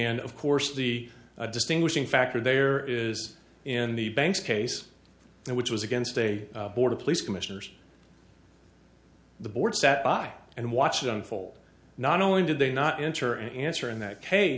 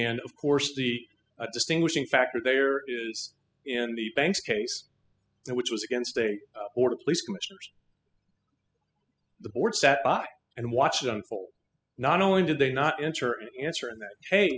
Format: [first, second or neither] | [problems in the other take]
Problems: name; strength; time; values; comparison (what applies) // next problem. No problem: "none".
first | noise reduction (classical method spectral subtraction)